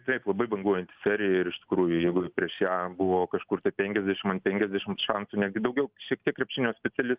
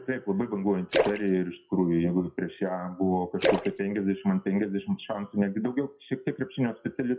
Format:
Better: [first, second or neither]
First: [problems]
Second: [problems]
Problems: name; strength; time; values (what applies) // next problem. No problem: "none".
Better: first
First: none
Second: noise reduction (classical method WPE with log-MMSE)